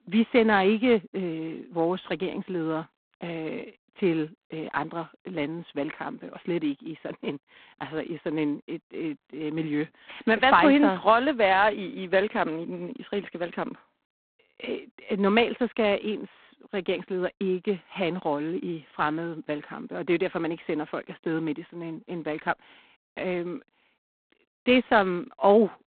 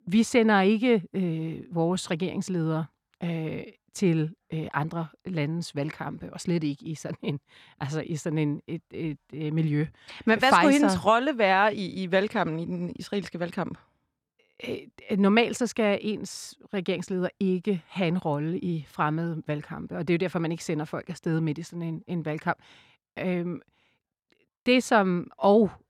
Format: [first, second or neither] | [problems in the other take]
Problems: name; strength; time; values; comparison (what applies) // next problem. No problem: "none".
second | phone-call audio; poor line; nothing above 4 kHz